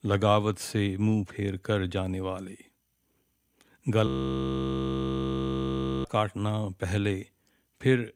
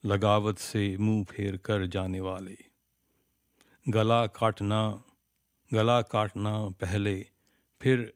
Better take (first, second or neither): second